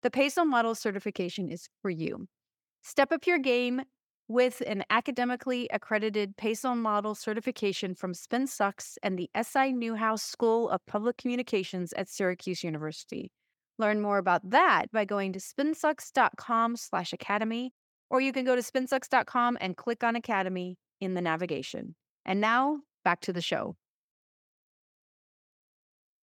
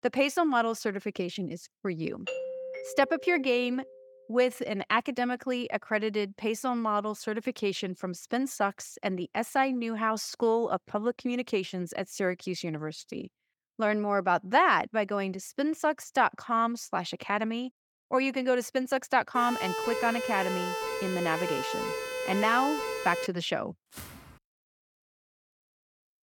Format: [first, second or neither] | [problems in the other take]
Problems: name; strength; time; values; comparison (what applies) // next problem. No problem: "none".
first | doorbell; noticeable; from 2.5 to 4 s; peak 6 dB below the speech // siren; noticeable; from 19 to 23 s; peak 3 dB below the speech // footsteps; faint; at 24 s; peak 15 dB below the speech